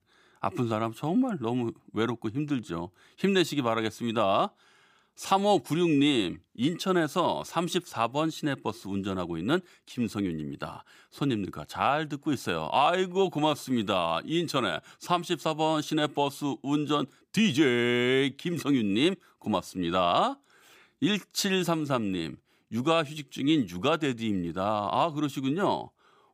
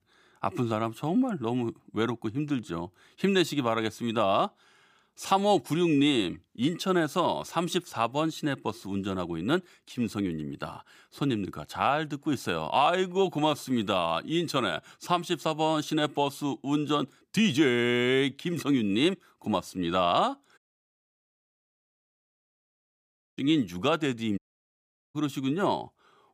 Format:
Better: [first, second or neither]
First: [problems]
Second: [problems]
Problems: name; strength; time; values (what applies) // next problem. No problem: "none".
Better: first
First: none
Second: audio cutting out; at 21 s for 3 s and at 24 s for 1 s